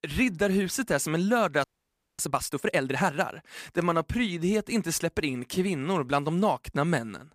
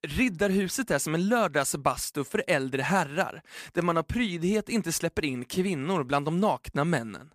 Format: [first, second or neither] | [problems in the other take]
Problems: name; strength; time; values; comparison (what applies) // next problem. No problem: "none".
second | audio freezing; at 1.5 s for 0.5 s